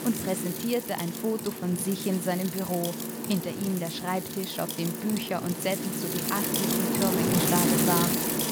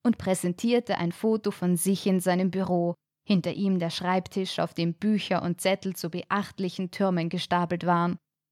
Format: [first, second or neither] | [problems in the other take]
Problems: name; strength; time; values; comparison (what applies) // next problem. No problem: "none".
second | wind noise on the microphone; heavy; as loud as the speech